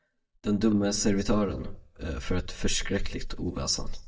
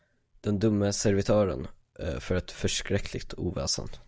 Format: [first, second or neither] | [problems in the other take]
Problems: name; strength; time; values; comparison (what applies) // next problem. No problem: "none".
second | noise reduction (neural mask model DeepFilterNet 3)